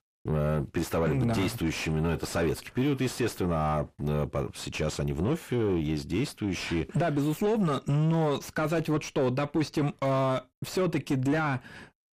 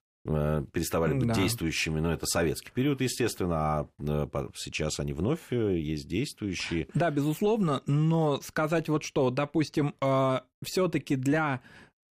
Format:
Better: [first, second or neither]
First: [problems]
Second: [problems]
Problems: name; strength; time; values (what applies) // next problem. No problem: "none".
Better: second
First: distortion; slight; 10 dB below the speech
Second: none